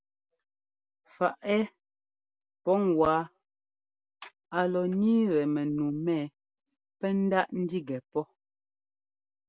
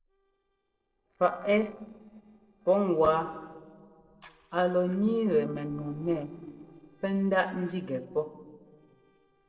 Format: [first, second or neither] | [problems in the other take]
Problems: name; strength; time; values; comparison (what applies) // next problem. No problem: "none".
first | noise reduction (neural separator model SepFormer DNS4)